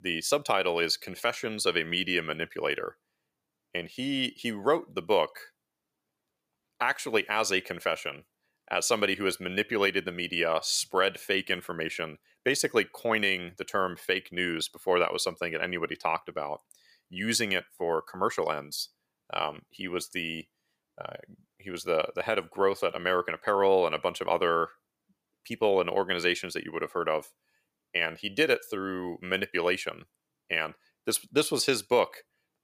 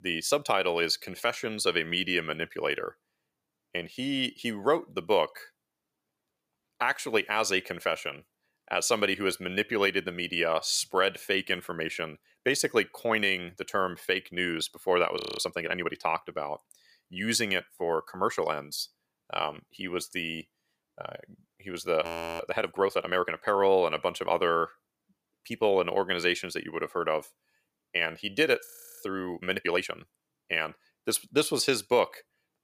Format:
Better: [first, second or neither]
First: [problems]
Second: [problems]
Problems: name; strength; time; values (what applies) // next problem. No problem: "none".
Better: first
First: none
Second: audio freezing; at 15 s, at 22 s and at 29 s